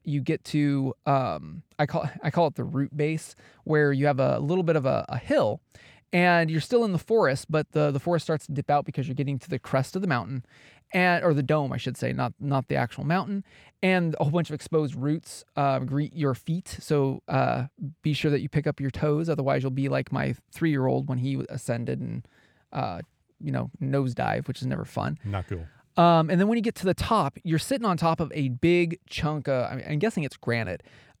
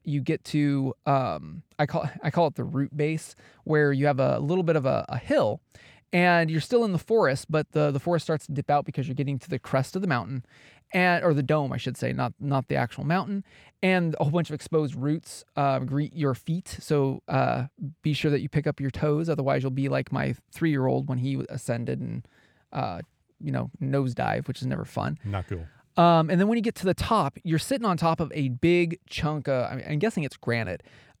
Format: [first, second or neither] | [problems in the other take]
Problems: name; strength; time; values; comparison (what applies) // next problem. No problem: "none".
neither | none